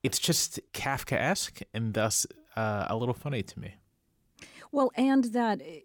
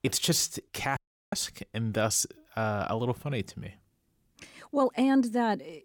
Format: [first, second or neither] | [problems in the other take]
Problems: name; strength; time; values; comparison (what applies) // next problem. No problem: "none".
first | audio cutting out; at 1 s